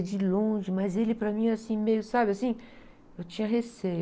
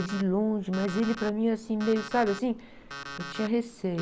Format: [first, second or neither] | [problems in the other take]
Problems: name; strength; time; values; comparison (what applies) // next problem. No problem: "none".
first | background sound (Alarm); 14 dB below the speech